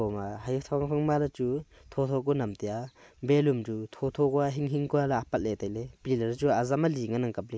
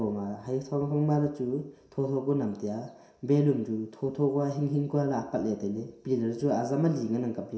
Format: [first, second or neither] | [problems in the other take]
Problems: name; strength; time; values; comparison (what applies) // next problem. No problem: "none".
first | room echo; dies away in 0.7 s